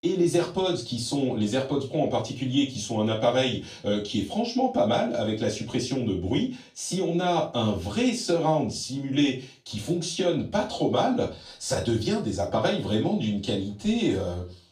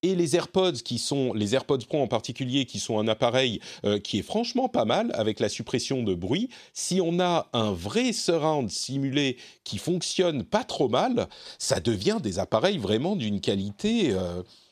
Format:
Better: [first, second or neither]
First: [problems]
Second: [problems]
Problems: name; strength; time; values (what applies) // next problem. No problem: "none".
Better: second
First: off-mic speech; far // room echo; slight; dies away in 0.3 s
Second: none